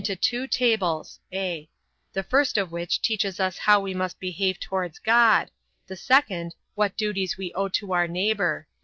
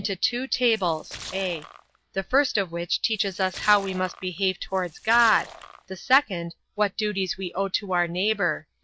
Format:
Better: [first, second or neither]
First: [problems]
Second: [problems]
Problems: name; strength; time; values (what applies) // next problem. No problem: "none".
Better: first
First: none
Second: background sound (Splash, splatter); 16 dB below the speech